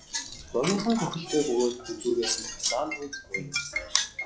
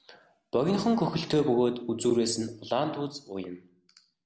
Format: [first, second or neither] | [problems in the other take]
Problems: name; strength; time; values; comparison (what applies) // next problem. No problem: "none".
second | noise reduction (classical method log-MMSE)